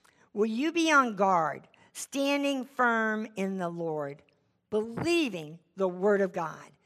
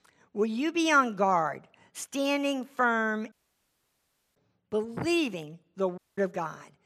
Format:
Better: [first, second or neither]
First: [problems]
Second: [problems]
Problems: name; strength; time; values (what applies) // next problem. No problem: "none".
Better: first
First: none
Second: audio cutting out; at 3.5 s for 1 s and at 6 s